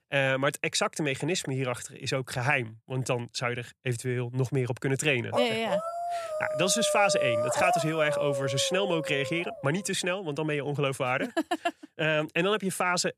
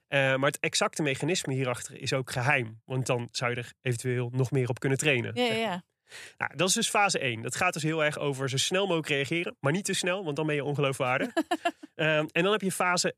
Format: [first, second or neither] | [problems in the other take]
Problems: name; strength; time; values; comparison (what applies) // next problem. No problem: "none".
second | dog barking; loud; from 5.5 to 9.5 s; peak 1 dB above the speech